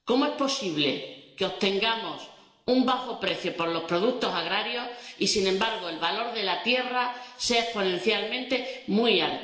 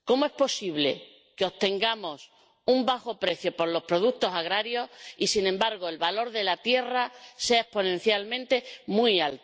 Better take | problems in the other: second | room echo; dies away in 1 s

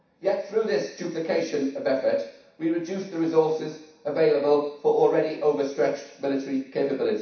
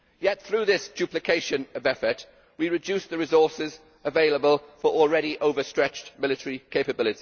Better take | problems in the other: second | room echo; dies away in 0.7 s

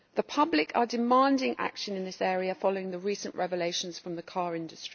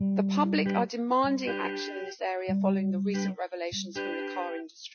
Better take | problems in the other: first | noise reduction (classical method Wiener filter)

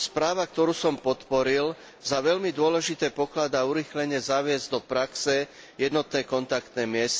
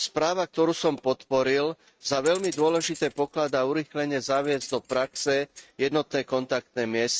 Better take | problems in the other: first | noise reduction (neural mask model RNNoise)

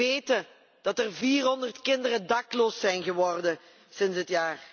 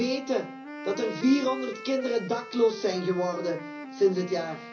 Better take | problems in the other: first | background sound (Wind instrument, woodwind instrument); 12 dB below the speech // room echo; dies away in 0.5 s

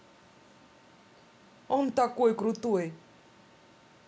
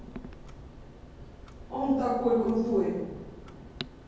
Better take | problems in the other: first | background sound (Clock); 14 dB below the speech // room echo; dies away in 1.3 s

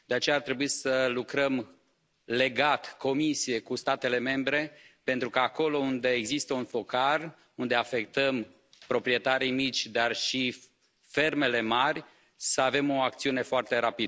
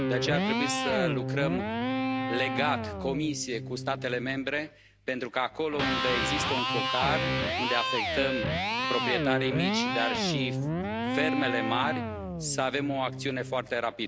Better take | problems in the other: first | background sound (Electric guitar); 1 dB above the speech

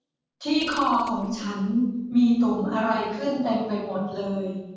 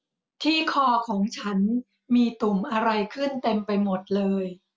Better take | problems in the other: second | noise reduction (neural separator model SepFormer DNS4)

